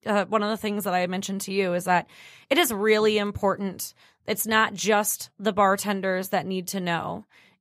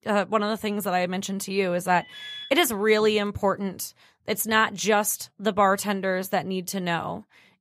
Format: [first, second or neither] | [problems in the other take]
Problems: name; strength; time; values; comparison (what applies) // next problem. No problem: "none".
first | alarm; faint; at 2 s; peak 10 dB below the speech